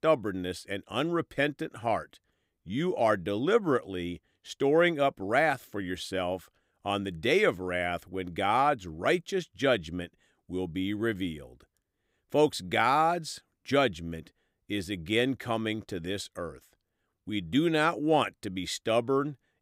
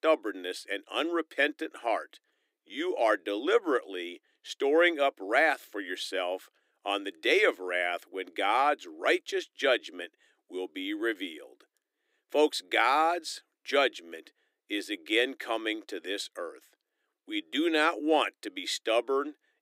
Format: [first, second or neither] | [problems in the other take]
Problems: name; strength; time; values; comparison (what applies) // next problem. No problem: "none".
first | thin; somewhat; fading below 300 Hz